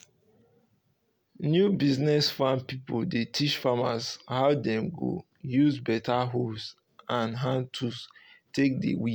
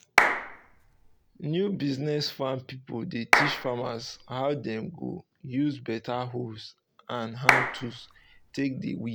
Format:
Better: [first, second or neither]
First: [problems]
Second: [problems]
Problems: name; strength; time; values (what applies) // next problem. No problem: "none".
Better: first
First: none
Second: background sound (Clapping); 5 dB above the speech